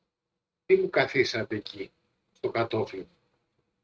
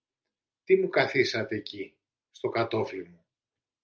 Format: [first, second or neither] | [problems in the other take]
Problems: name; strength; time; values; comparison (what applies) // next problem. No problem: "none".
second | noise reduction (neural mask model RNNoise)